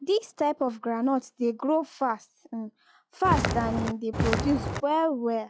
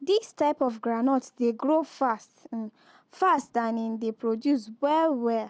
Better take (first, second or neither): second